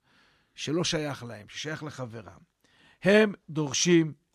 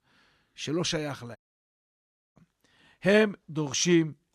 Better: first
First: none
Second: audio cutting out; at 1.5 s for 1 s

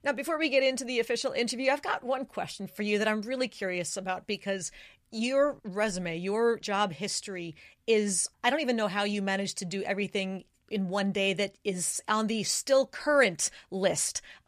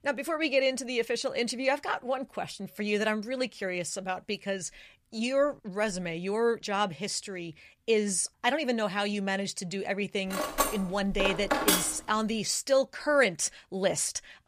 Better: first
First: none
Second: clattering dishes; loud; from 10 to 12 s; peak 5 dB above the speech

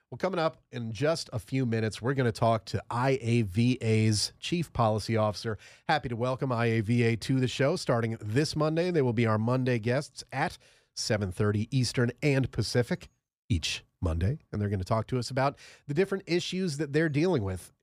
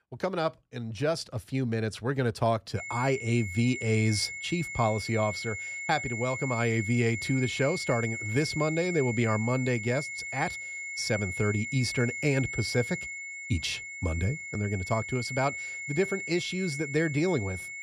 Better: first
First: none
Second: high-pitched whine; loud; from 3 s on; 2 kHz, 6 dB below the speech

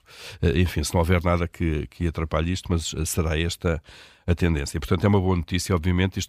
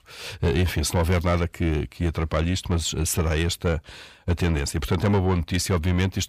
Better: first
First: none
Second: distortion; slight; 10 dB below the speech

